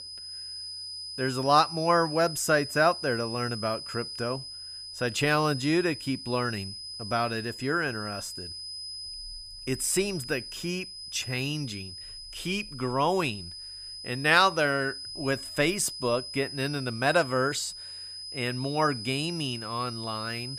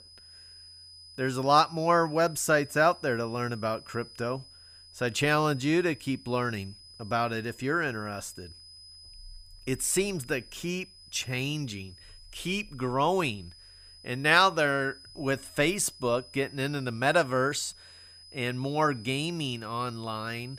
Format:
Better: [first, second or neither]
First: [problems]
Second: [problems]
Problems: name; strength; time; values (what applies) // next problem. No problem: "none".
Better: second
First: high-pitched whine; loud; throughout; 5 kHz, 9 dB below the speech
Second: high-pitched whine; faint; throughout; 5 kHz, 20 dB below the speech